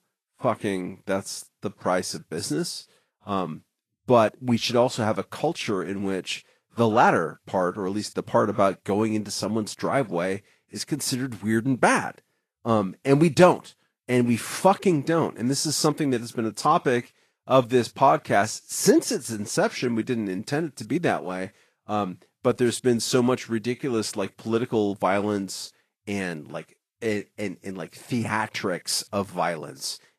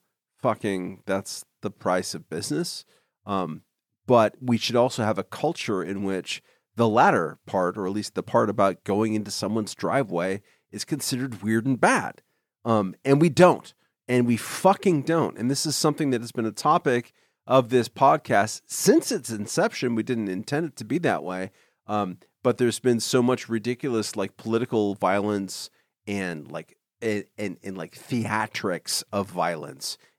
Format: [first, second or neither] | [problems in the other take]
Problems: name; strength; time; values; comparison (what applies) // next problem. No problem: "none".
second | garbled, watery; slightly; nothing above 12.5 kHz